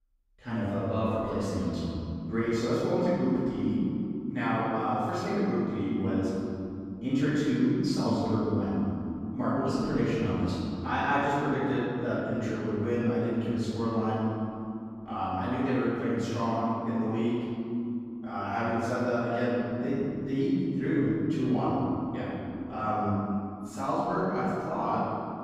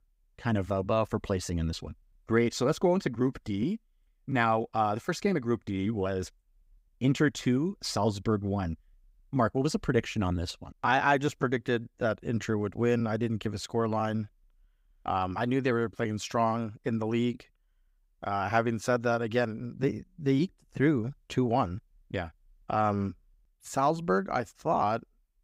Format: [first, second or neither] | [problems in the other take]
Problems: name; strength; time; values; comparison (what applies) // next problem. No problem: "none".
second | off-mic speech; far // room echo; strong; dies away in 3 s